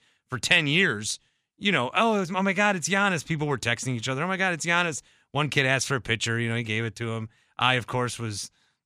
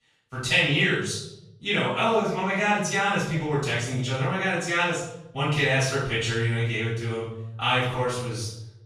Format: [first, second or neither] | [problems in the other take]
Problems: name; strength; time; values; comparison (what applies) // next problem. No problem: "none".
first | off-mic speech; far // room echo; noticeable; dies away in 0.7 s